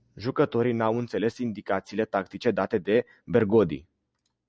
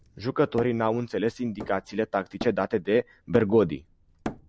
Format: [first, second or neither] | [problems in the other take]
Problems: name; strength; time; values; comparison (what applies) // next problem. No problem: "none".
first | background sound (Hammer); 15 dB below the speech